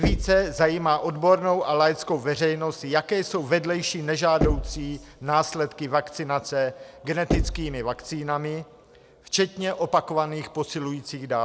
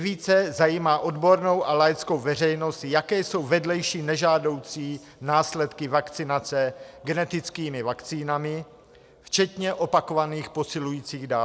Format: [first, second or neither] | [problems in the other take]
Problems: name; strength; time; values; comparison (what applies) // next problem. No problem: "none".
second | background sound (Knock); 6 dB below the speech